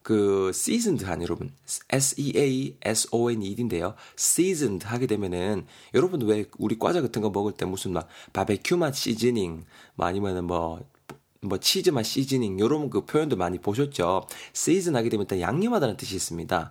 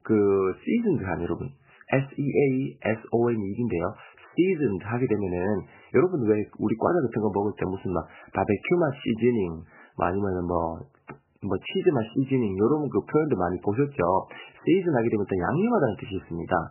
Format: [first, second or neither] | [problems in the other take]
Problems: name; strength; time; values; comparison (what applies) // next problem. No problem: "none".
first | garbled, watery; badly; nothing above 3 kHz